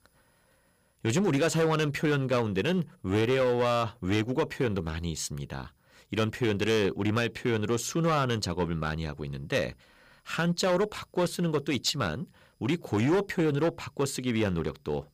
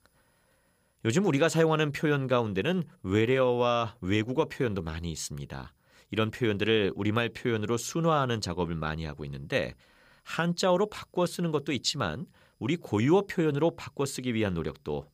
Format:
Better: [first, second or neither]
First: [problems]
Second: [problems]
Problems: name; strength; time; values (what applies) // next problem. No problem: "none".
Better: second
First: distortion; slight; 7% of the sound clipped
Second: none